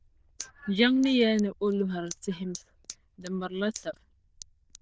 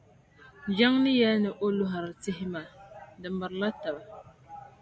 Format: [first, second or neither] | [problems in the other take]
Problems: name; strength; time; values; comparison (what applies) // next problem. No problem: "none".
second | noise reduction (neural diffusion model UNIVERSE++)